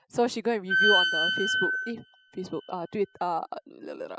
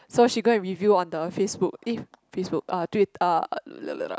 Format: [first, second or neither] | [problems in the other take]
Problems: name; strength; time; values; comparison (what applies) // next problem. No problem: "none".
second | noise reduction (classical method spectral subtraction)